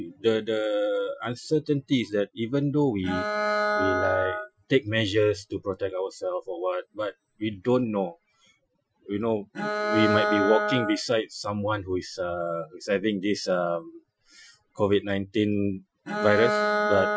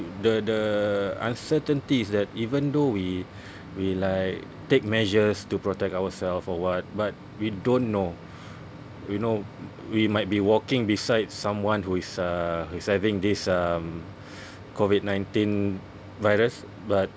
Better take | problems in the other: second | noise reduction (classical method Wiener filter)

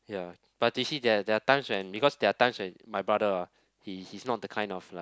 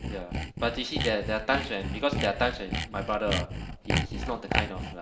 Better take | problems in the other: first | background sound (Sawing); 1 dB below the speech // room echo; dies away in 1.7 s

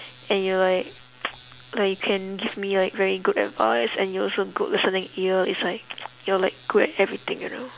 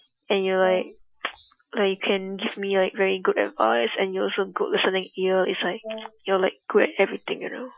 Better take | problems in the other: first | noise reduction (classical method Wiener filter)

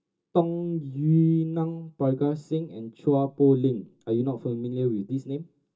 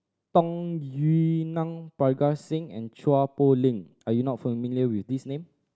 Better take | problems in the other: second | room echo; dies away in 0.2 s

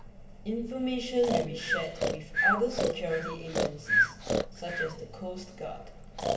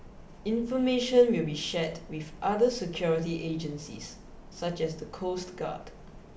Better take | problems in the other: second | background sound (Breathing); 2 dB above the speech // room echo; dies away in 1.4 s

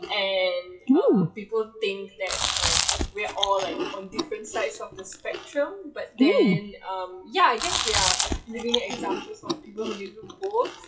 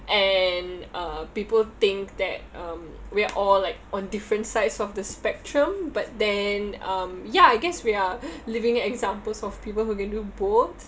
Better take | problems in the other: second | noise reduction (classical method WPE with log-MMSE)

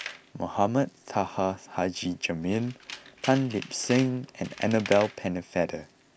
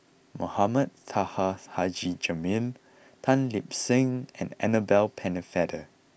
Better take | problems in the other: second | background sound (Tools); 16 dB below the speech

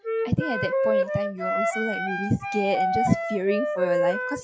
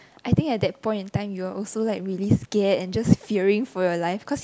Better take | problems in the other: second | noise reduction (classical method log-MMSE)

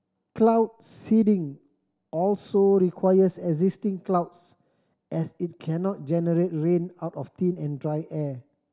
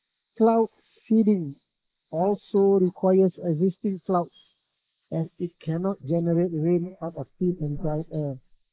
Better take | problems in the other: first | noise reduction (neural mask model Resemble Enhance denoiser)

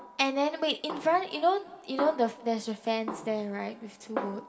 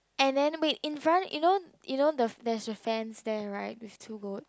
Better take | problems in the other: second | background sound (Snare drum); 11 dB below the speech // room echo; dies away in 1.8 s

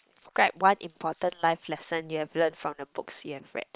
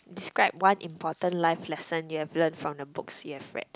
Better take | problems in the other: second | noise reduction (neural separator model SepFormer WHAM!)

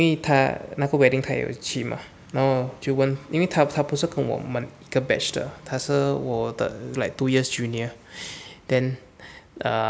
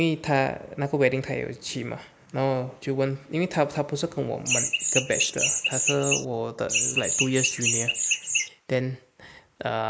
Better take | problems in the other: first | noise reduction (neural mask model Resemble Enhance denoiser)

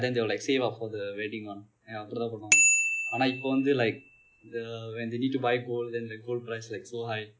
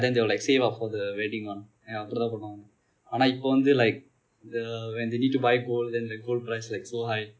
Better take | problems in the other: second | background sound (Bicycle bell); 1 dB above the speech

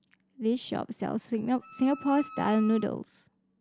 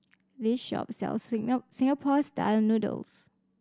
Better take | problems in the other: second | background sound (Wind instrument, woodwind instrument); 16 dB below the speech

